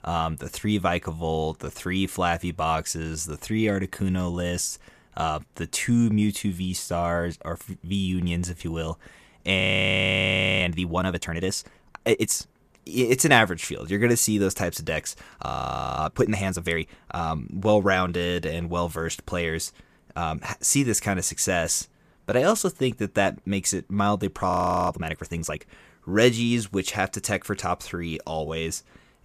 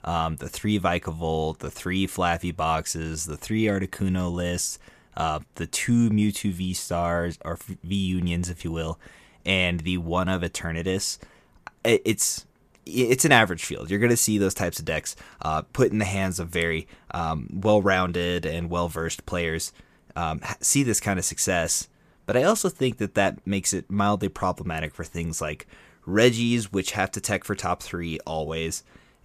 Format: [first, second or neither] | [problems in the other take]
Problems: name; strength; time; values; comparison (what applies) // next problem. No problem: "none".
second | audio freezing; at 9.5 s for 1 s, at 15 s for 0.5 s and at 25 s